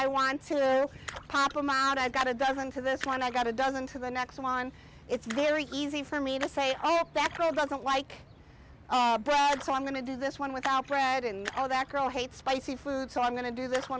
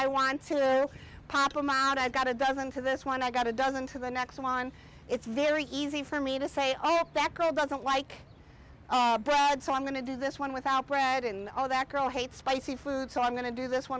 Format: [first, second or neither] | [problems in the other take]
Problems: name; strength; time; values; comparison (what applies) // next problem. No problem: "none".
second | background sound (Splash, splatter); 17 dB below the speech